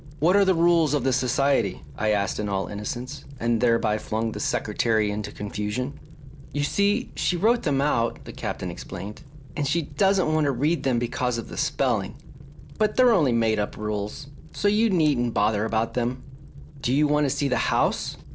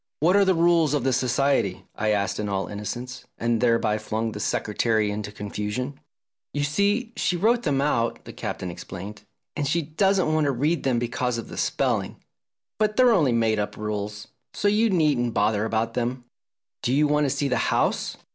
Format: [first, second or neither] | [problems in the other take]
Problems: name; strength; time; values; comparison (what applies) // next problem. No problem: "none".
second | background sound (Fire); 16 dB below the speech